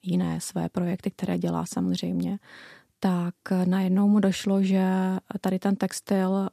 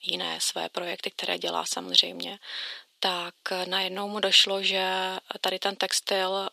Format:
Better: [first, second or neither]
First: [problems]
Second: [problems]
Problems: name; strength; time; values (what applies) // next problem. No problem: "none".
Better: first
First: none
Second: thin; very; fading below 450 Hz